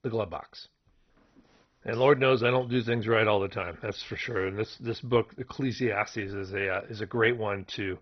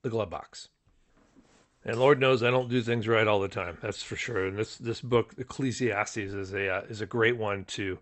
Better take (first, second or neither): second